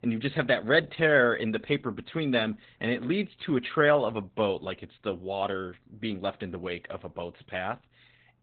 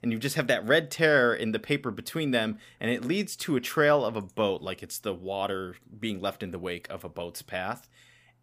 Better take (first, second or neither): second